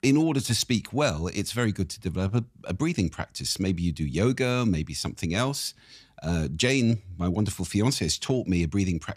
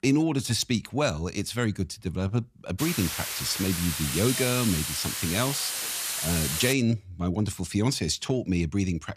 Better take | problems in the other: first | hiss; loud; from 3 to 6.5 s; 1 dB below the speech

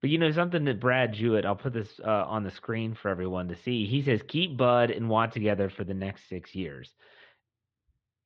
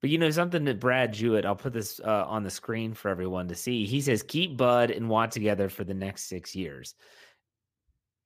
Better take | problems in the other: second | muffled; very; fading above 4 kHz

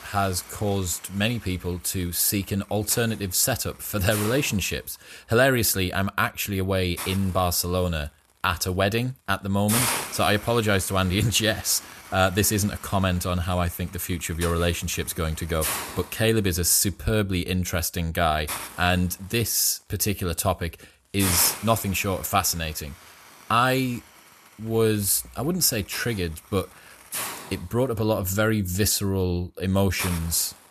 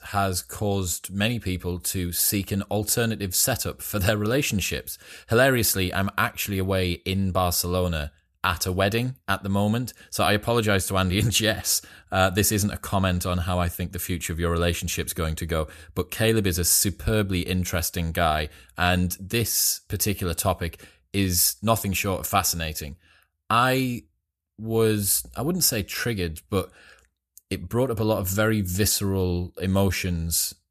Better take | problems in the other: second | hiss; loud; throughout; 9 dB below the speech

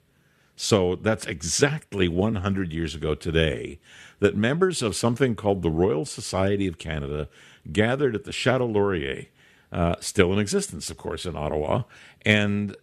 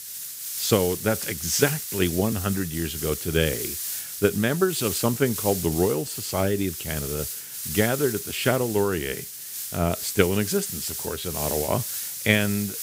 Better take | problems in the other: first | hiss; loud; throughout; 5 dB below the speech

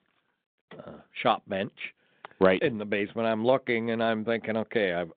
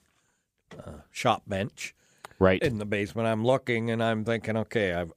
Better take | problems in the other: second | phone-call audio; nothing above 3.5 kHz

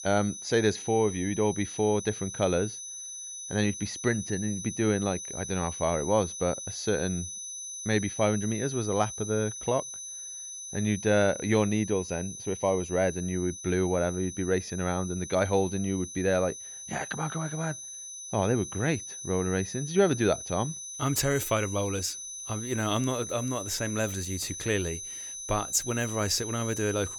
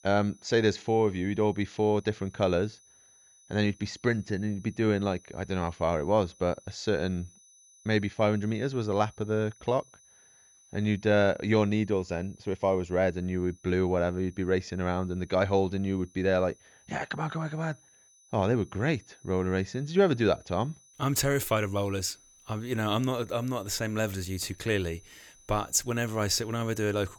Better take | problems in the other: second | high-pitched whine; loud; throughout; 6 kHz, 8 dB below the speech; faint in the second

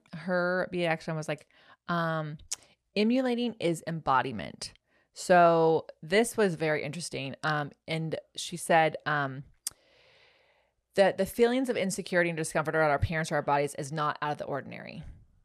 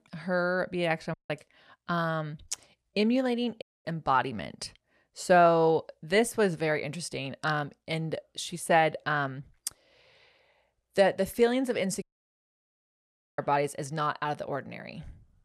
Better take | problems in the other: first | audio cutting out; at 1 s, at 3.5 s and at 12 s for 1.5 s

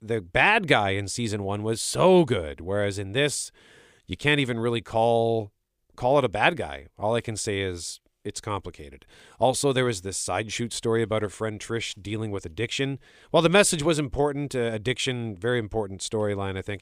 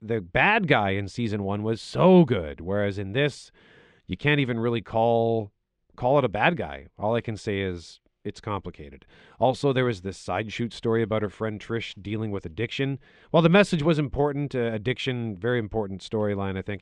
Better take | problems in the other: first | muffled; slightly; fading above 3 kHz

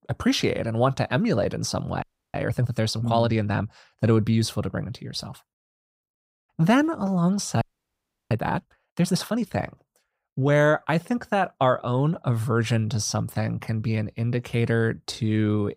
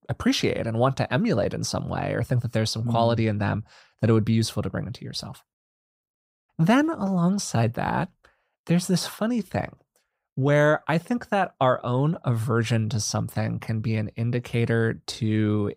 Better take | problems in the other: second | audio freezing; at 2 s and at 7.5 s for 0.5 s

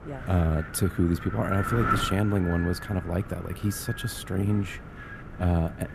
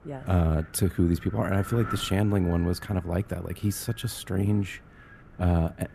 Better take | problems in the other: second | wind noise on the microphone; heavy; as loud as the speech; occasional gusts in the second

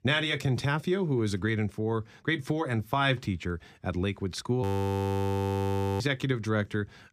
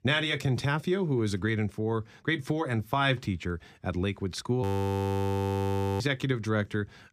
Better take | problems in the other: neither | audio freezing; at 4.5 s for 1.5 s; the same in both

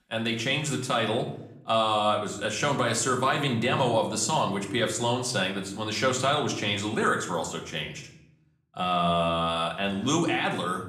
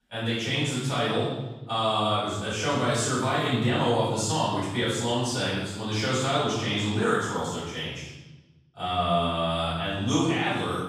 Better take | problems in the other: first | room echo; strong; dies away in 1.1 s; slight in the first // off-mic speech; far; somewhat distant in the first

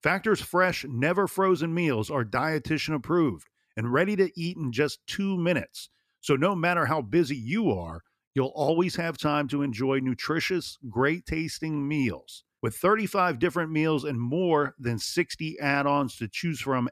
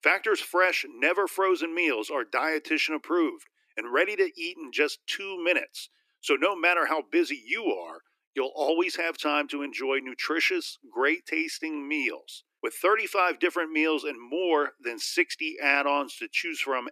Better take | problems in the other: first | thin; somewhat; fading below 300 Hz

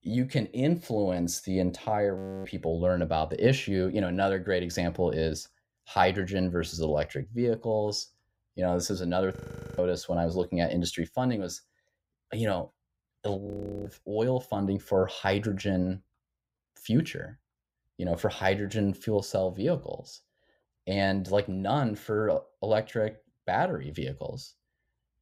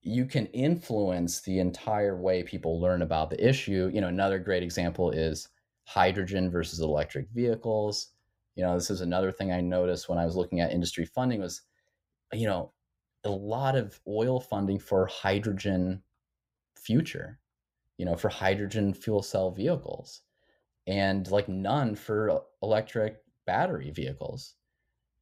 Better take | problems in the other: second | audio freezing; at 2 s, at 9.5 s and at 13 s

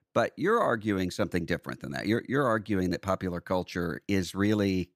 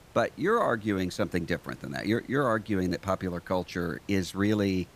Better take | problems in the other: first | hiss; faint; throughout; 25 dB below the speech

